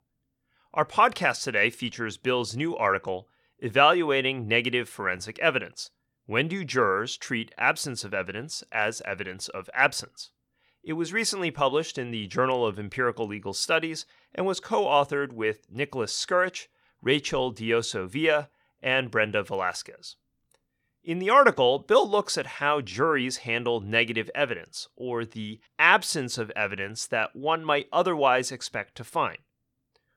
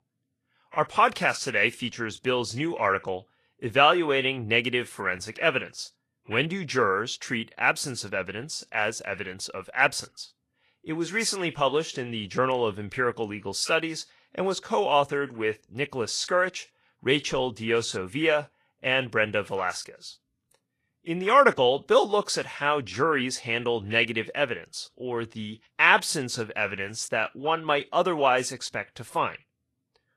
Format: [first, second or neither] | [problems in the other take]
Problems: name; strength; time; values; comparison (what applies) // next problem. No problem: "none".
first | garbled, watery; slightly